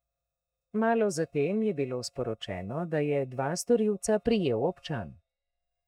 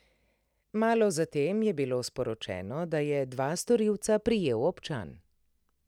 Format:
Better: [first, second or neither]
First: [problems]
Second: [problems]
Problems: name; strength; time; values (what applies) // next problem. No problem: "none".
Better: second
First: noise reduction (neural mask model DeepFilterNet 3)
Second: none